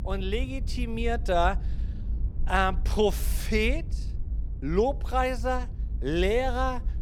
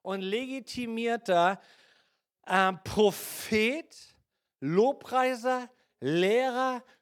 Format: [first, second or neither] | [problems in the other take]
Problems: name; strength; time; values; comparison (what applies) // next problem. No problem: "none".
second | low rumble; faint; throughout; 25 dB below the speech